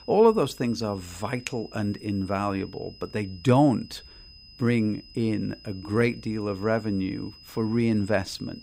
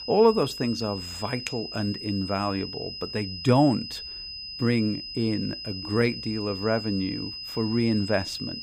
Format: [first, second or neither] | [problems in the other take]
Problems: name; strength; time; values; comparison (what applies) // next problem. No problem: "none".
first | high-pitched whine; loud; throughout; 5 kHz, 8 dB below the speech; faint in the first